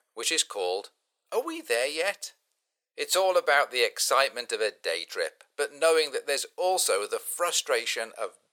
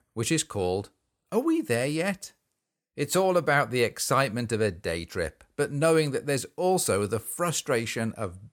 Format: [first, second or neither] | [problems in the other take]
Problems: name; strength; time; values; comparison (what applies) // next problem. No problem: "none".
second | thin; very; fading below 500 Hz